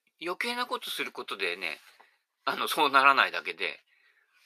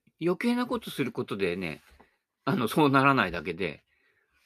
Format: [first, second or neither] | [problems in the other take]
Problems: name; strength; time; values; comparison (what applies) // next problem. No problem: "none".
second | thin; very; fading below 750 Hz